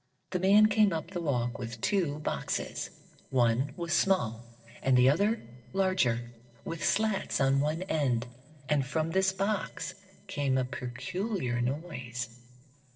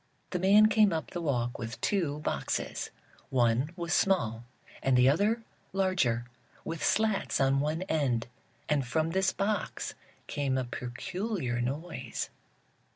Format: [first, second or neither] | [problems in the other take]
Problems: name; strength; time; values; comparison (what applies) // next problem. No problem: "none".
second | noise reduction (neural separator model SepFormer DNS4)